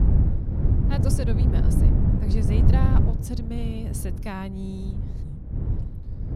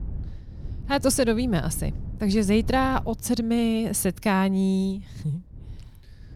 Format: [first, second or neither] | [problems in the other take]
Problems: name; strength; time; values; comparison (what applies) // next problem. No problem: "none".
second | wind noise on the microphone; heavy; 1 dB above the speech; occasional gusts in the second